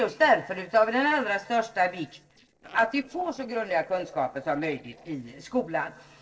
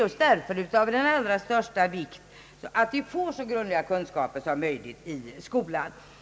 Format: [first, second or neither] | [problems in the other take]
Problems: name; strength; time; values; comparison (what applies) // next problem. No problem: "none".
second | noise reduction (neural separator model SepFormer DNS4)